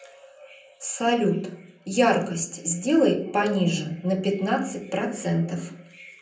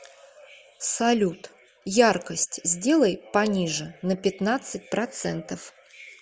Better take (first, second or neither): second